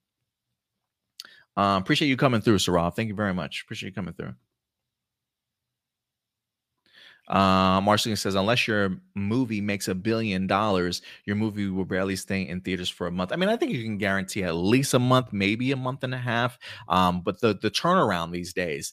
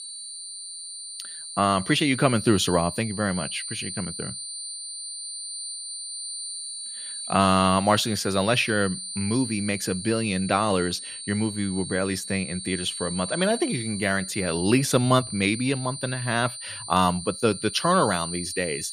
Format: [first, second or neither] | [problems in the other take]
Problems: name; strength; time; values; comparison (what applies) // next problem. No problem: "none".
first | high-pitched whine; loud; throughout; 9 kHz, 8 dB below the speech